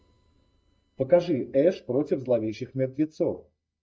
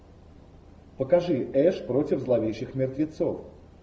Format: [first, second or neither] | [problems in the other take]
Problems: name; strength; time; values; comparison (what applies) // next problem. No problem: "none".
second | noise reduction (neural mask model DeepFilterNet 3)